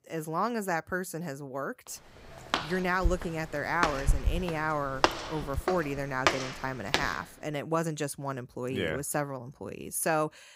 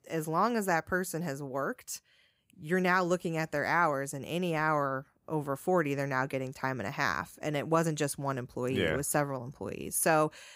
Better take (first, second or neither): second